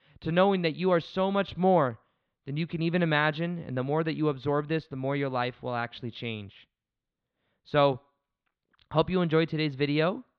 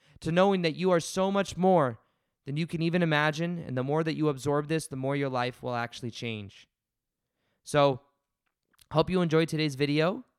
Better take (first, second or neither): second